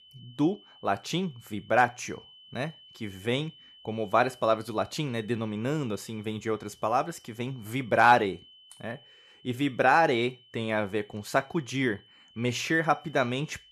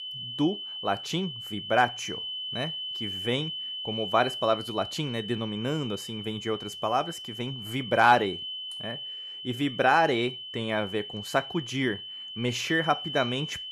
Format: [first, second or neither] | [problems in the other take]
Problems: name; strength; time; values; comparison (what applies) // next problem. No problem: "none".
first | high-pitched whine; loud; throughout; 3 kHz, 7 dB below the speech; faint in the first